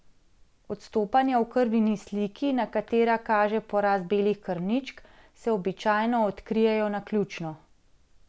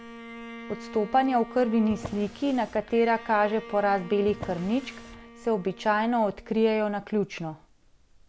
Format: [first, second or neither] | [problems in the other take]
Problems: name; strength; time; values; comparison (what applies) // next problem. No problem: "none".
first | background sound (Drawer open or close + Bowed string instrument); 16 dB below the speech